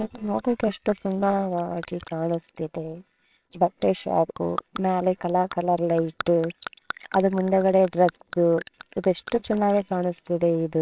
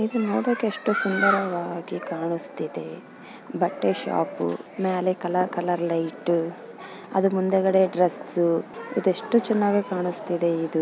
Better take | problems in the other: second | noise reduction (neural separator model SepFormer WHAMR!)

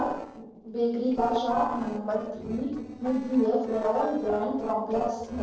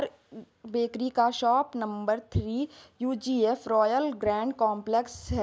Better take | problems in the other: second | noise reduction (neural separator model SepFormer DNS4)

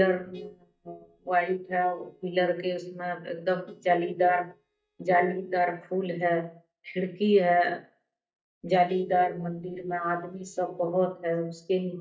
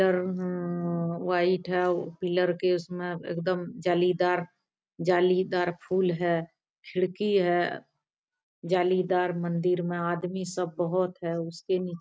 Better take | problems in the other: second | noise reduction (neural mask model DeepFilterNet 3)

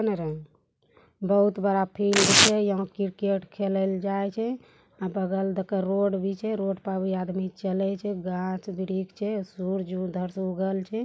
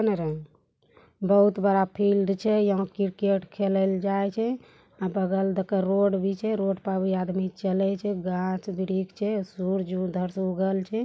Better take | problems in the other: second | background sound (Tearing); 3 dB above the speech

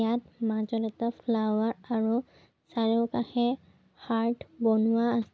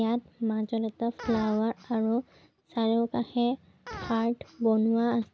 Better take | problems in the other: first | background sound (Fart); 19 dB below the speech

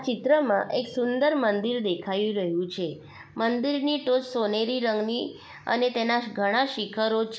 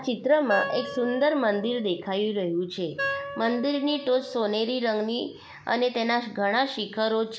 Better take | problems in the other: first | background sound (Wind instrument, woodwind instrument); 10 dB below the speech

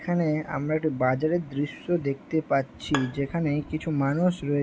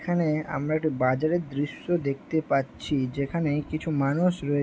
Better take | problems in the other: second | background sound (Bowed string instrument); 14 dB below the speech

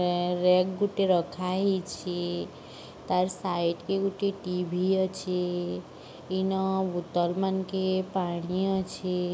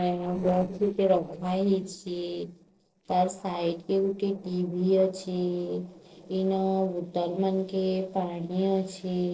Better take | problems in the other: first | noise reduction (neural separator model SepFormer DNS4)

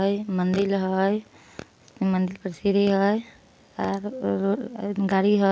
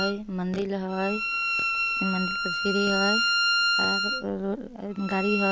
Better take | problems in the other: first | background sound (Bowed string instrument); 2 dB above the speech

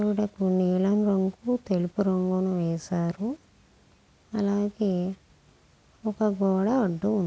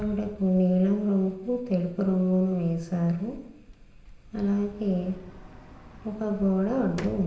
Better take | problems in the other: first | background sound (Sliding door); 19 dB below the speech // room echo; dies away in 0.9 s

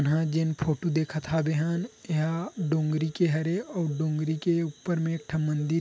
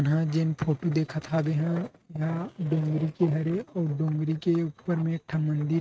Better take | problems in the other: first | noise reduction (neural mask model RNNoise)

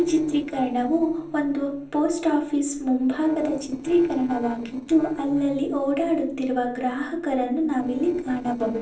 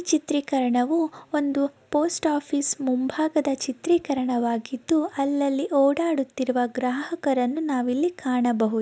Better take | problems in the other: second | noise reduction (neural separator model SepFormer DNS4)

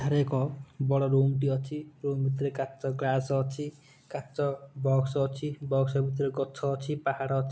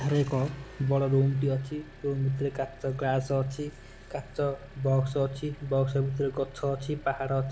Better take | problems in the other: first | background sound (Engine); 19 dB below the speech

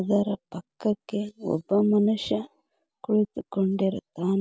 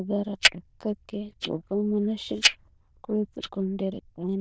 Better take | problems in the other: first | noise reduction (neural diffusion model UNIVERSE++)

